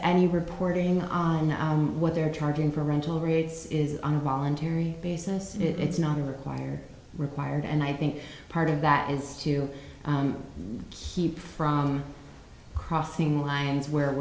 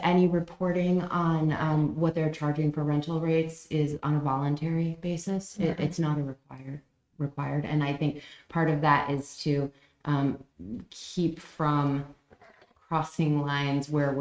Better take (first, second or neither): first